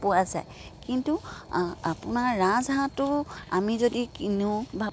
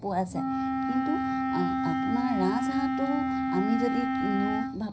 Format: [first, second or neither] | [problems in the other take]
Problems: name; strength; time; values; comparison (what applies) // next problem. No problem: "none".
first | background sound (Wind instrument, woodwind instrument); 3 dB above the speech // room echo; dies away in 0.5 s